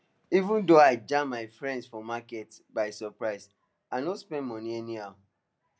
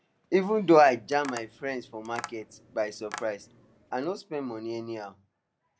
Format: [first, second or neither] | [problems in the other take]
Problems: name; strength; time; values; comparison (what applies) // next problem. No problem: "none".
first | background sound (Tap); 17 dB below the speech